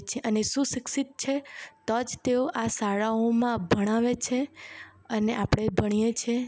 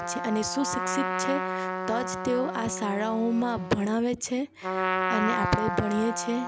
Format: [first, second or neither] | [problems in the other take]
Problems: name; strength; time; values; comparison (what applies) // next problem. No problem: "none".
first | background sound (Trumpet); 3 dB below the speech